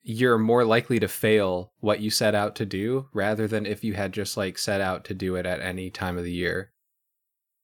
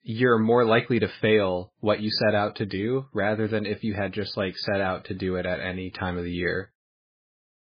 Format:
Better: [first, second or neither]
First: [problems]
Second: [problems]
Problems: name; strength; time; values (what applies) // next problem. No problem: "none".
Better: first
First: none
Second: garbled, watery; badly